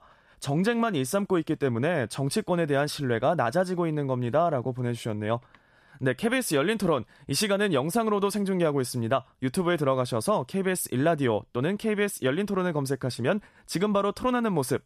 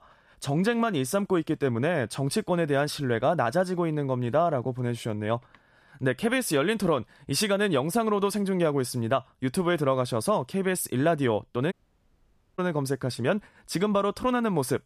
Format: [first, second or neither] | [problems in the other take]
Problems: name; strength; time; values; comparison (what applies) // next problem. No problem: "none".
first | audio cutting out; at 12 s for 1 s